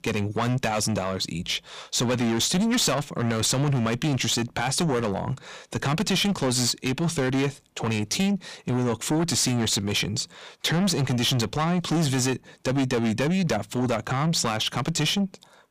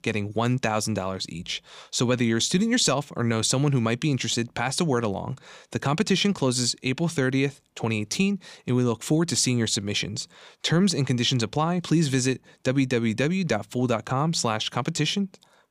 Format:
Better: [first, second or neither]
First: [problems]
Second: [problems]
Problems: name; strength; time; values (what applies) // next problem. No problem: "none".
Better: second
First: distortion; heavy; 7 dB below the speech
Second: none